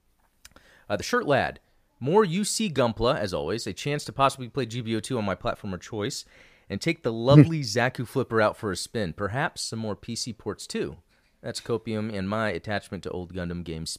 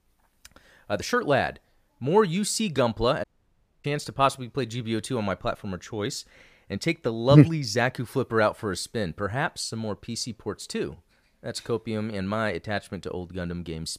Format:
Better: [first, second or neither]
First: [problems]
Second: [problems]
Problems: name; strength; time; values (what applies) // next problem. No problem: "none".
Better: first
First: none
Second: audio cutting out; at 3 s for 0.5 s